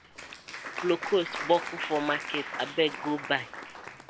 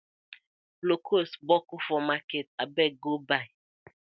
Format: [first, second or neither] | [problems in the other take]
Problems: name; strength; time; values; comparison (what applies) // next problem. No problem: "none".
second | background sound (Applause); 9 dB below the speech